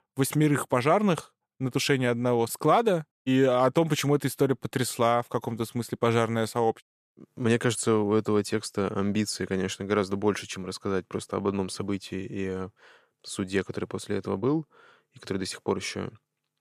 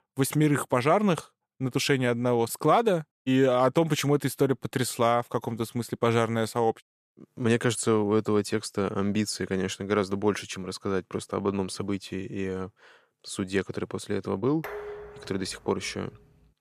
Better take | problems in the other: first | clattering dishes; faint; from 15 s on; peak 10 dB below the speech

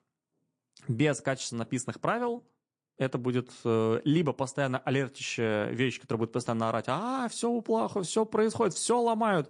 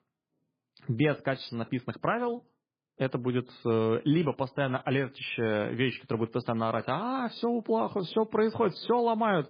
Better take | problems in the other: first | garbled, watery; badly; slightly in the first

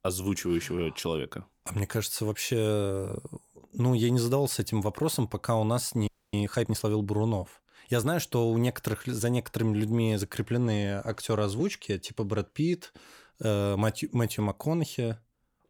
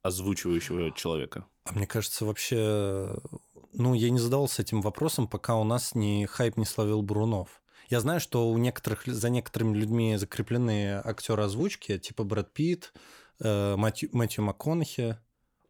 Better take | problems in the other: second | audio freezing; at 6 s

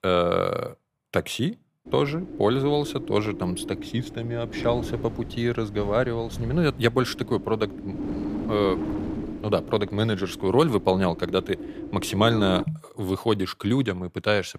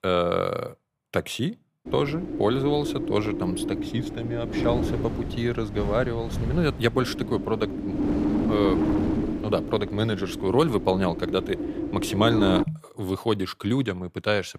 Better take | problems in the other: first | wind noise on the microphone; heavy; from 2 to 13 s; 5 dB below the speech; occasional gusts in the first

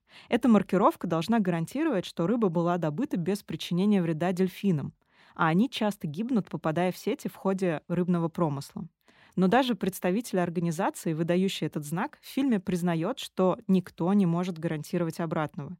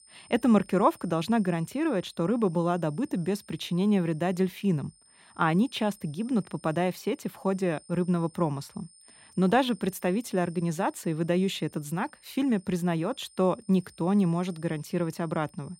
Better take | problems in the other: first | high-pitched whine; faint; throughout; 9 kHz, 25 dB below the speech

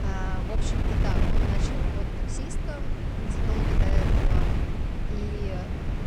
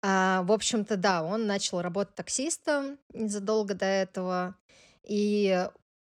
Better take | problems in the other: second | wind noise on the microphone; heavy; 5 dB above the speech

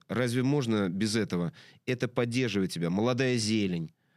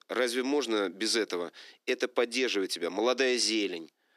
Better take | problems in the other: first | thin; somewhat; fading below 300 Hz

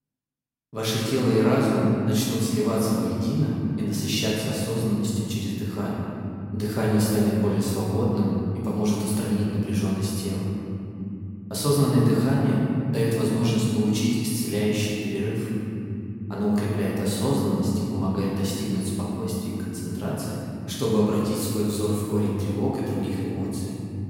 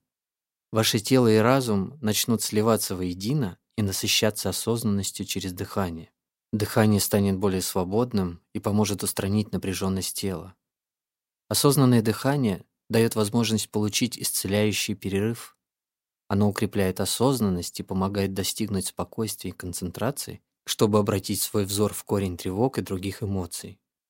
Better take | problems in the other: second | room echo; strong; dies away in 3 s // off-mic speech; far

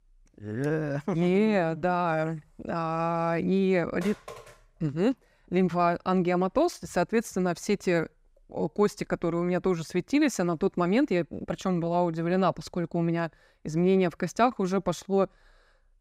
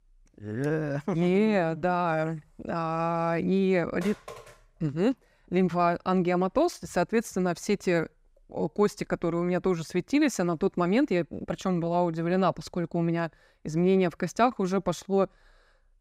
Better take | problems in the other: neither | none

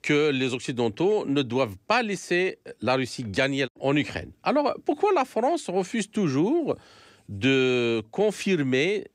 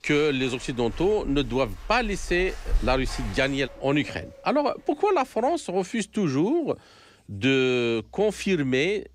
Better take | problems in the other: first | animal sounds; noticeable; throughout; 15 dB below the speech

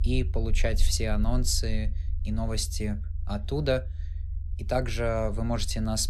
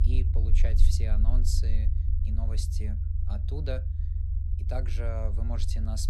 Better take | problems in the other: first | low rumble; loud; throughout; 6 dB below the speech; faint in the first

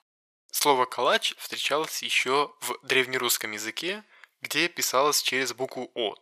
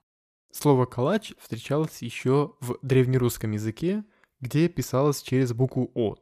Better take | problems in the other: second | thin; very; fading below 850 Hz

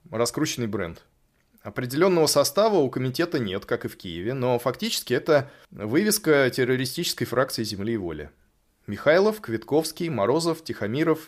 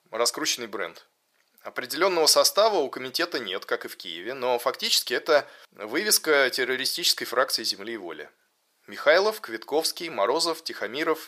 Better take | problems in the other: first | thin; somewhat; fading below 550 Hz

